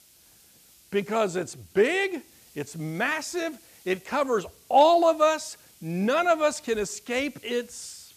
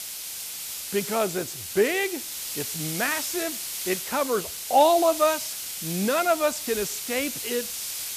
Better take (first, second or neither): first